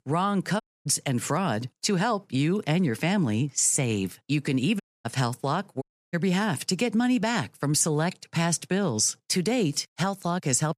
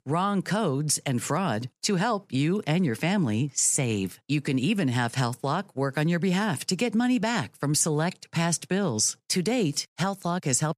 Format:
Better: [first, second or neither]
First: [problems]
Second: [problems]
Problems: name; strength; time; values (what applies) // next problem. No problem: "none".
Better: second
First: audio cutting out; at 0.5 s, at 5 s and at 6 s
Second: none